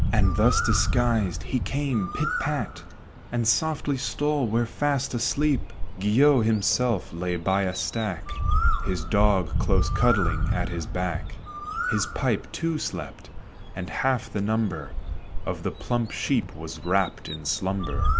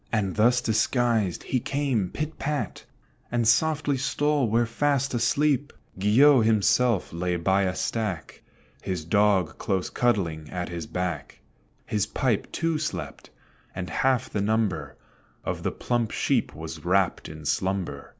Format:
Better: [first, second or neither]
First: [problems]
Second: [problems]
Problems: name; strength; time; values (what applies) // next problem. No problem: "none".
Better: second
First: background sound (Bird); 1 dB below the speech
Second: none